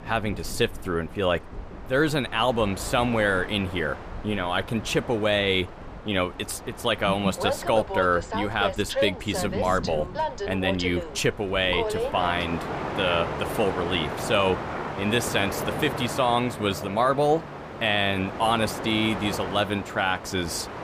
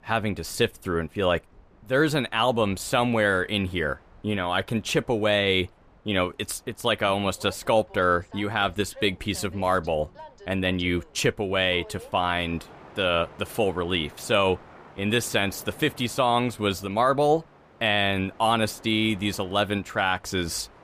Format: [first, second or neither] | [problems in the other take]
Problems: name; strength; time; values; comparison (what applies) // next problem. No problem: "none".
second | train or aircraft noise; loud; throughout; 7 dB below the speech; faint in the second